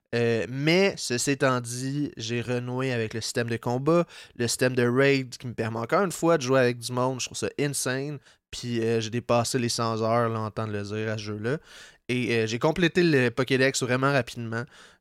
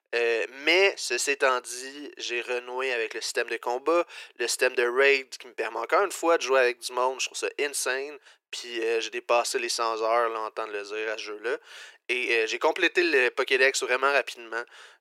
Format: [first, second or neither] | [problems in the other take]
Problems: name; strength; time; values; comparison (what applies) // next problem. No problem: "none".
first | thin; very; fading below 350 Hz